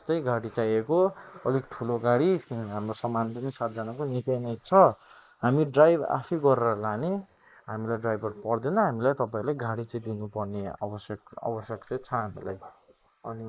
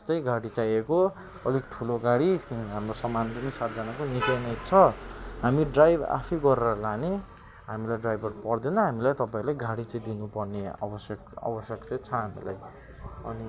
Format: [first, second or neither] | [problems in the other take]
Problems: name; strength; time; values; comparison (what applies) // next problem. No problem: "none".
second | noise reduction (neural mask model Resemble Enhance denoiser)